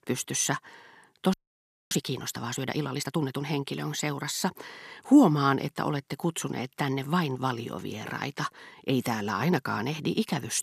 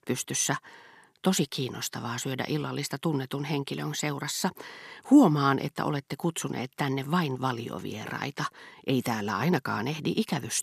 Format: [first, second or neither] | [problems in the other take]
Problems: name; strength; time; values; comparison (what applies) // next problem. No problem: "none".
second | audio freezing; at 1.5 s for 0.5 s